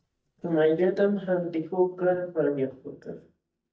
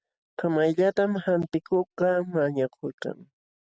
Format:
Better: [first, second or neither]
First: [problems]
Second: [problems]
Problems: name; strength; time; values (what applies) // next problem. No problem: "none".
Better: second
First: noise reduction (neural mask model DeepFilterNet 3)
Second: none